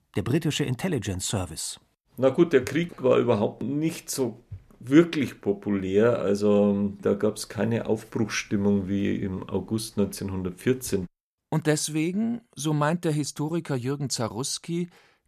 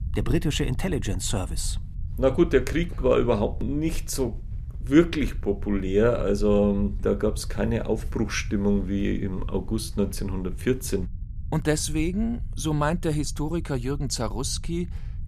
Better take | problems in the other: first | low rumble; faint; throughout; 25 dB below the speech

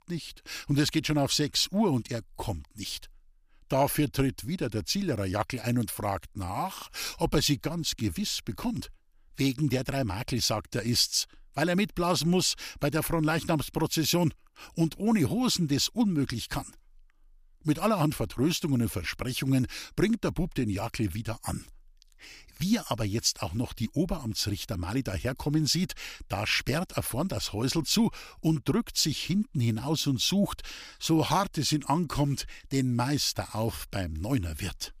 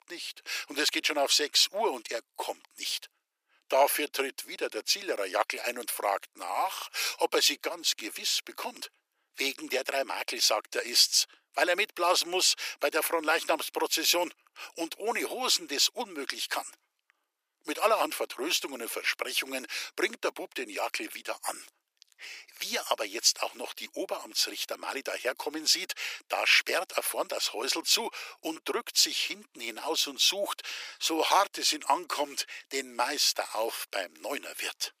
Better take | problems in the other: first | thin; very; fading below 400 Hz

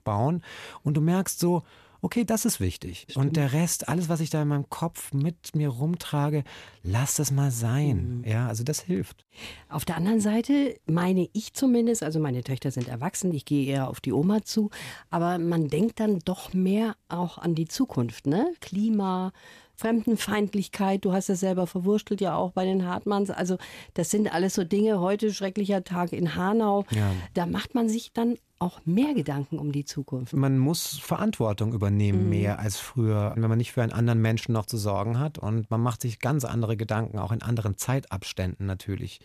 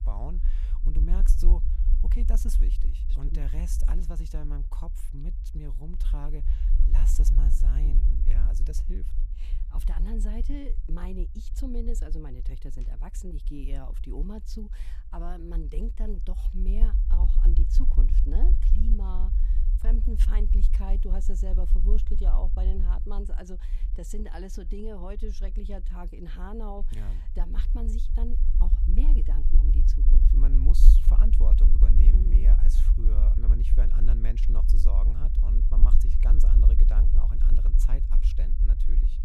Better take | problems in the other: first | low rumble; loud; throughout; 4 dB below the speech

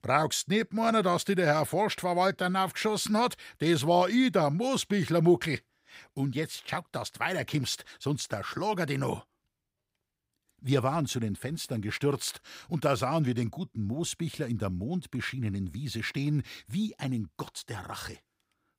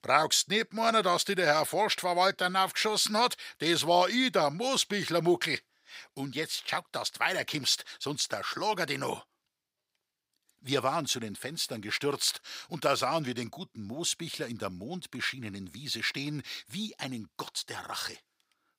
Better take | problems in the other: first | thin; somewhat; fading below 600 Hz

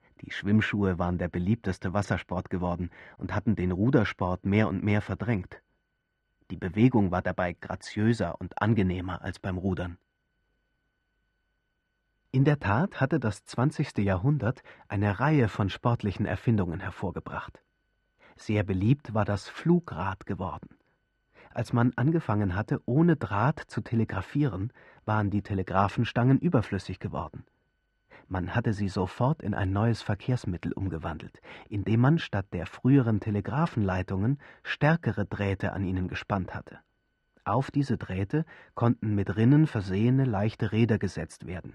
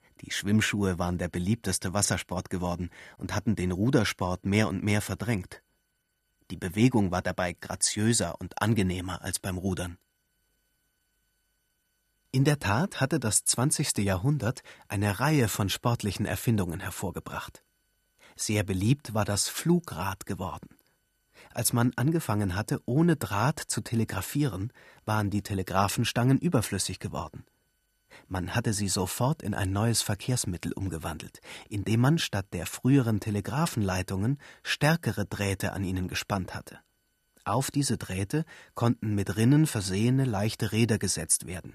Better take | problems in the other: second | muffled; very; fading above 2 kHz

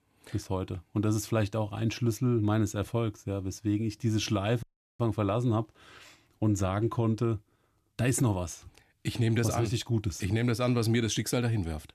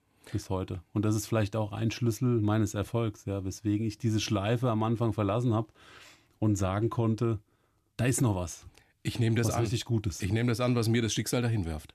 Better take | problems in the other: second | audio cutting out; at 4.5 s

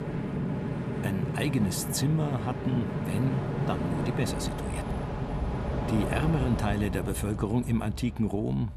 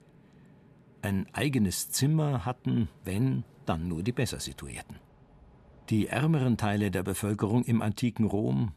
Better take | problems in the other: second | train or aircraft noise; loud; throughout; 2 dB below the speech; faint in the second

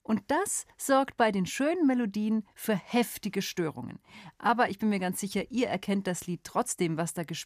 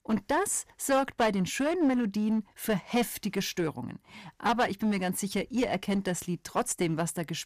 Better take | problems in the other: first | distortion; slight; 8% of the sound clipped

